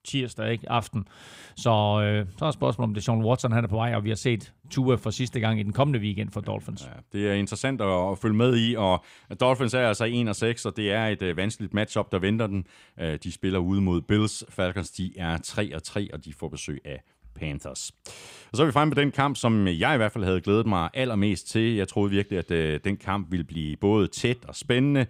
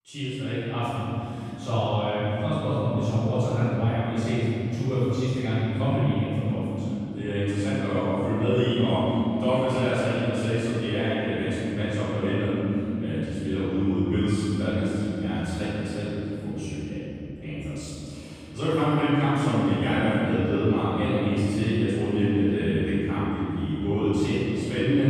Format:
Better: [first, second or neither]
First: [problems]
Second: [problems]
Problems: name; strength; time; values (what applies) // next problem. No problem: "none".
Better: first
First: none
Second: off-mic speech; far // room echo; strong; dies away in 3 s